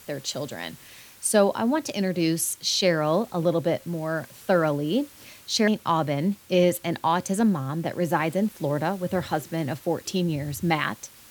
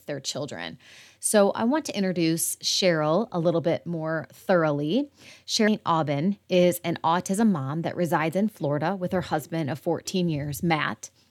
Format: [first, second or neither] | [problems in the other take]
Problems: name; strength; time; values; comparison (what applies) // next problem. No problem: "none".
second | hiss; faint; throughout; 25 dB below the speech